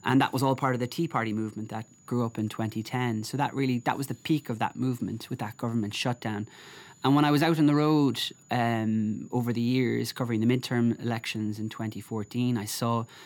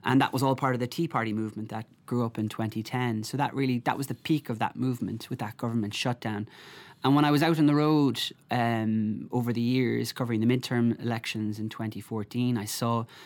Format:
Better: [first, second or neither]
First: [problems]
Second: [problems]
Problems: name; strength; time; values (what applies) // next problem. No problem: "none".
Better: second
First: high-pitched whine; faint; throughout; 7 kHz, 30 dB below the speech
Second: none